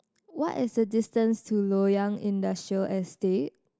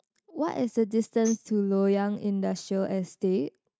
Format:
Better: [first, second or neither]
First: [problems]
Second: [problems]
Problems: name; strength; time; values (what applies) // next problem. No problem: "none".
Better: first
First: none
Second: noise reduction (neural mask model RNNoise)